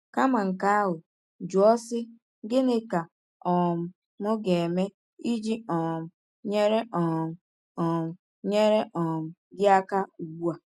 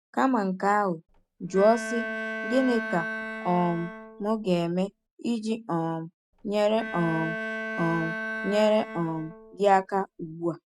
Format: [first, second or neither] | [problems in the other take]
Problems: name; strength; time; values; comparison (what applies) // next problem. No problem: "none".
first | noise reduction (neural mask model RNNoise)